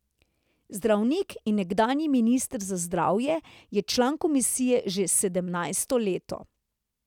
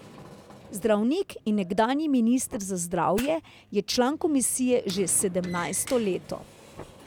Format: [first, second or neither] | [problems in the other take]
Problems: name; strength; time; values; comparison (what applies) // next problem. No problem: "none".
first | background sound (Fire + Sliding door); 19 dB below the speech